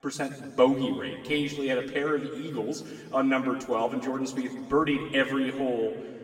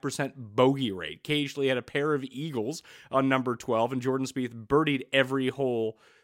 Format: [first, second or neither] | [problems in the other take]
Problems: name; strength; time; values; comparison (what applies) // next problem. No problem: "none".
second | room echo; noticeable; dies away in 1.7 s // off-mic speech; far